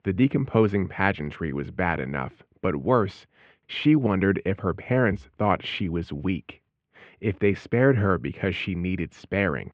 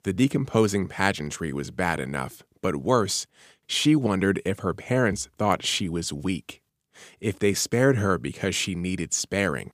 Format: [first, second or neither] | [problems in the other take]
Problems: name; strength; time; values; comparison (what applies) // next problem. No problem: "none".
second | muffled; very; fading above 2.5 kHz